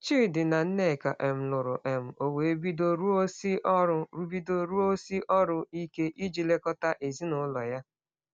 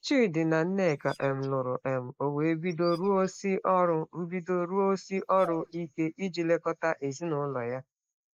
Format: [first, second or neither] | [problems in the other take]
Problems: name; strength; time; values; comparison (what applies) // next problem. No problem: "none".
first | noise reduction (neural mask model Resemble Enhance denoiser)